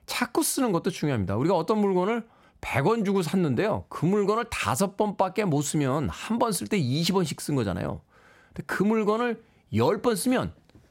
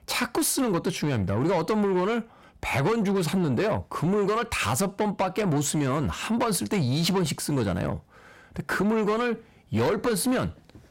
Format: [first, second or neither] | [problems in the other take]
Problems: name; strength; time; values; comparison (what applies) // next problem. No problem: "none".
first | distortion; slight; 10 dB below the speech